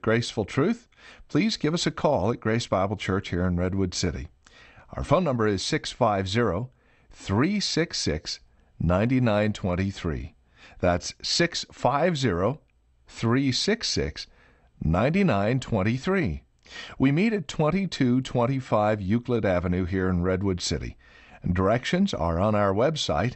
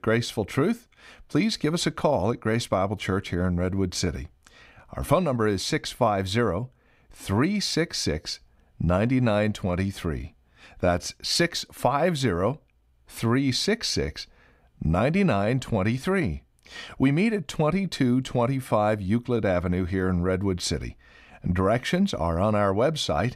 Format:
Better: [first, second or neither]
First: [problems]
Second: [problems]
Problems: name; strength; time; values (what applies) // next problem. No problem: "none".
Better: second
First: garbled, watery; slightly; nothing above 8 kHz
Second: none